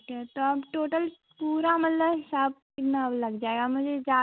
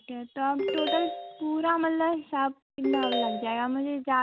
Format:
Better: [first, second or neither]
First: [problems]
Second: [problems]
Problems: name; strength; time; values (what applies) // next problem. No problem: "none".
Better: first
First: none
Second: background sound (Ringtone); 4 dB below the speech